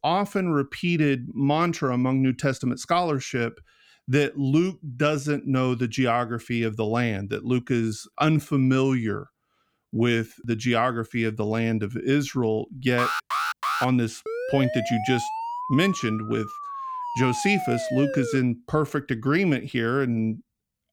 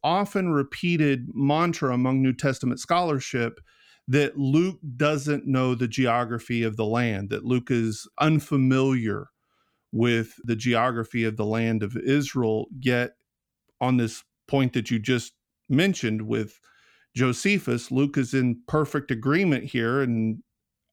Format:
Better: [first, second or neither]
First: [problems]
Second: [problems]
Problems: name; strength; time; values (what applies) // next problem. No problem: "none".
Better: second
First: alarm; noticeable; at 13 s; peak 1 dB below the speech // siren; noticeable; from 14 to 18 s; peak 5 dB below the speech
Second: none